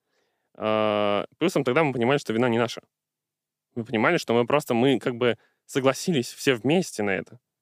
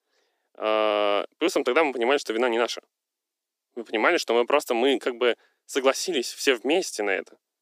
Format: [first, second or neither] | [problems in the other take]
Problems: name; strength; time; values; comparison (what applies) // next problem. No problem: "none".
first | thin; somewhat; fading below 300 Hz